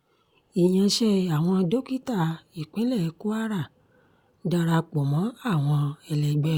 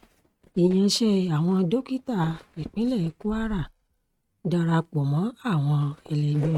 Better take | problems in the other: first | noise reduction (neural mask model RNNoise)

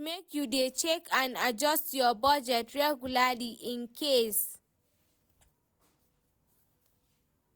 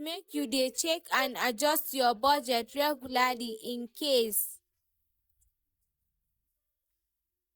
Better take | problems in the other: first | noise reduction (neural mask model DeepFilterNet 3)

